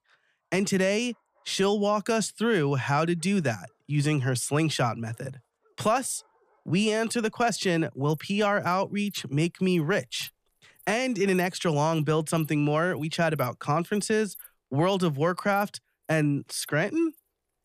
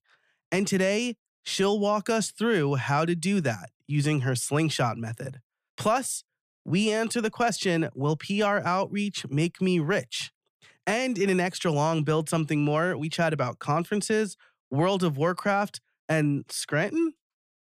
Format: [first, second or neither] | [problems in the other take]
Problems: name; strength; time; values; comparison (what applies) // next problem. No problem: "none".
second | animal sounds; faint; throughout; 25 dB below the speech